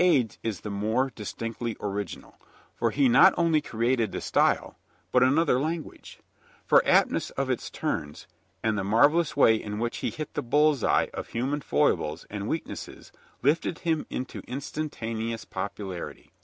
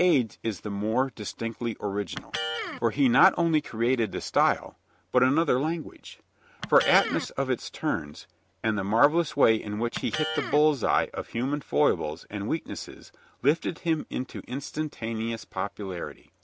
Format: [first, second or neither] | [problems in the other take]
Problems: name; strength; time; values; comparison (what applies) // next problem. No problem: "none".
first | background sound (Electric guitar); 12 dB below the speech